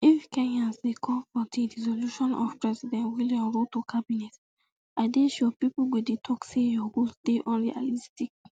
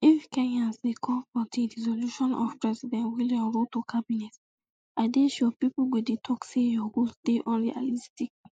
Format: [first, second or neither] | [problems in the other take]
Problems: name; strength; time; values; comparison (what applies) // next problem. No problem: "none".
first | noise reduction (neural mask model Resemble Enhance denoiser)